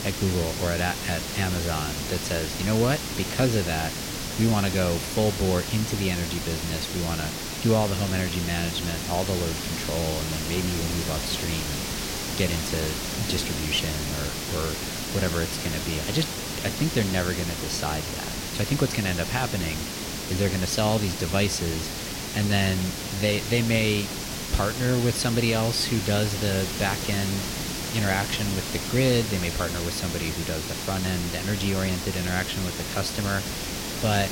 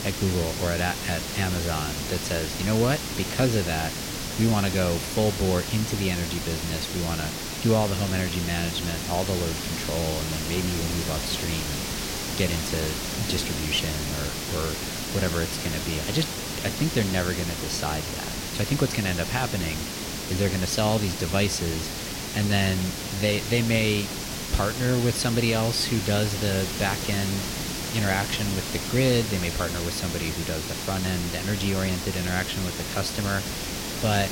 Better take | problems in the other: neither | hiss; loud; throughout; 3 dB below the speech; the same in both

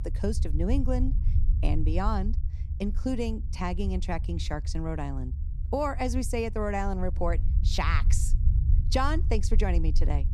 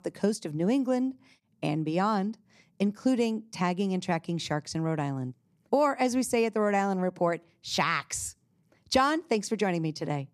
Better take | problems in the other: second | low rumble; noticeable; throughout; 15 dB below the speech

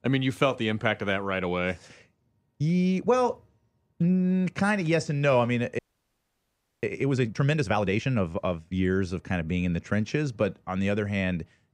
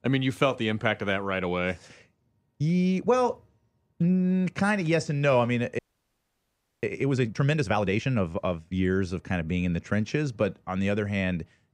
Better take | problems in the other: neither | audio freezing; at 6 s for 1 s; the same in both

